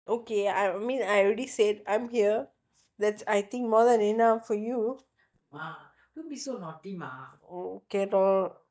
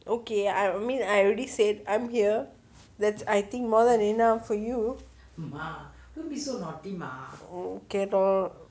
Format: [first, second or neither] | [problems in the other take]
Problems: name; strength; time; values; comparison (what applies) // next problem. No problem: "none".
second | noise reduction (neural mask model DeepFilterNet 3)